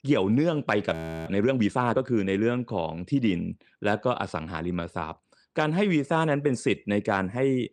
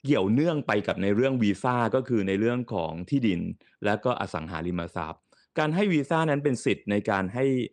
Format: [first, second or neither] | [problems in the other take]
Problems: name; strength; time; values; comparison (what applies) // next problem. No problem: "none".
second | audio freezing; at 1 s